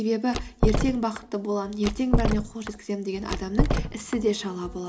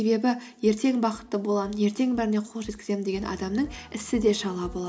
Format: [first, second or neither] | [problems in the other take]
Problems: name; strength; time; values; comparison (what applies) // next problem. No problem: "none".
second | background sound (Door); 1 dB above the speech